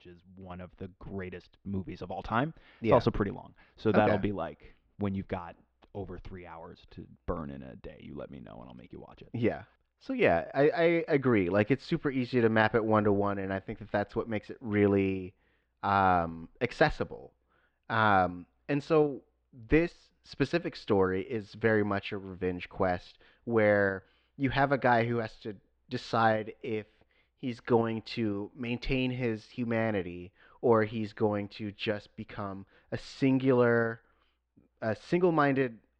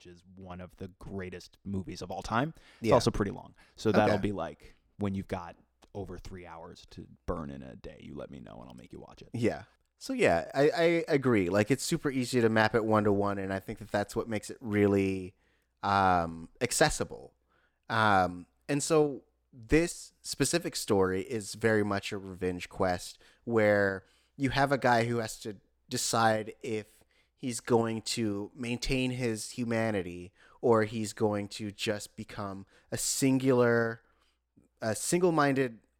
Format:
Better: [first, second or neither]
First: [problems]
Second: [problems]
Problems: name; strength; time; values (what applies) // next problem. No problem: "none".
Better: second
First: muffled; slightly; fading above 3.5 kHz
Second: none